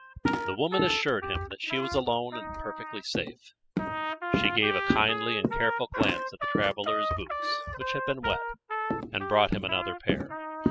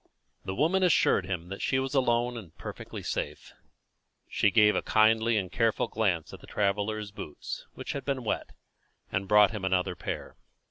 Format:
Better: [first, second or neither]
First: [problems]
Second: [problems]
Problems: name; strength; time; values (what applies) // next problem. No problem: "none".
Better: second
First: noise reduction (classical method spectral subtraction)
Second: none